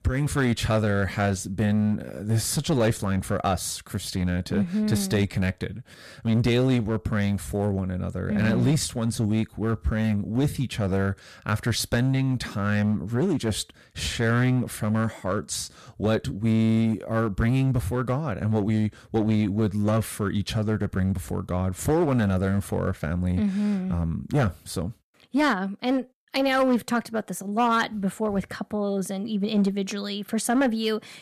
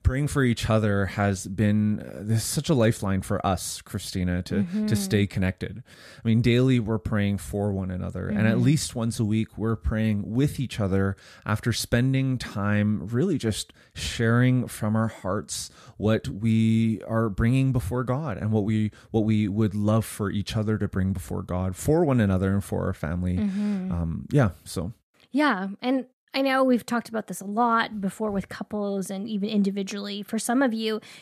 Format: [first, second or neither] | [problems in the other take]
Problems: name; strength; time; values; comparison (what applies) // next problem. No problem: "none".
second | distortion; slight; 7% of the sound clipped